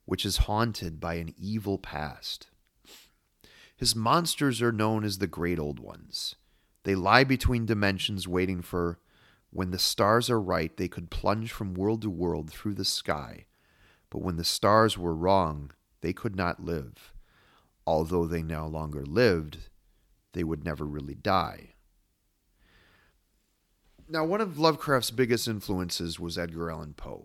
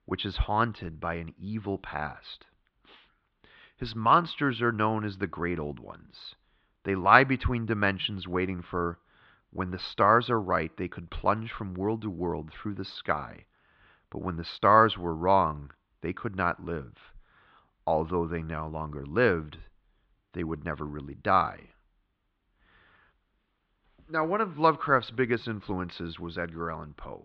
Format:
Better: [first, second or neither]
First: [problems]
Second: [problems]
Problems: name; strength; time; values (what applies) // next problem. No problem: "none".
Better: first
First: none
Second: muffled; very; fading above 3.5 kHz